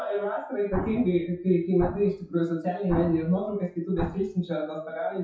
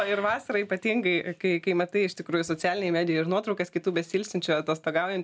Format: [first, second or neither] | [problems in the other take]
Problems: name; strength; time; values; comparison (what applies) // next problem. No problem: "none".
second | noise reduction (classical method WPE with log-MMSE)